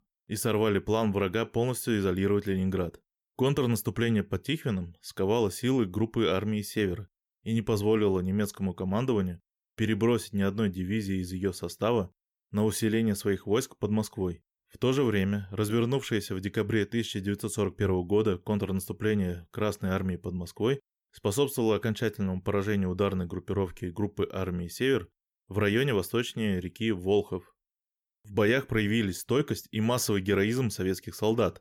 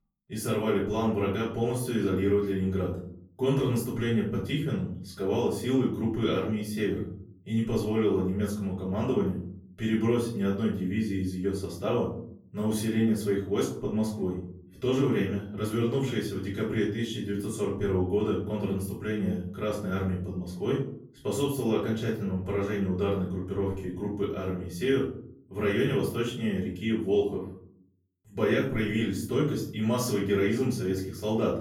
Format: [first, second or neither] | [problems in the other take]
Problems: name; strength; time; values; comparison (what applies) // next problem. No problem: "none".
first | off-mic speech; far // room echo; noticeable; dies away in 0.6 s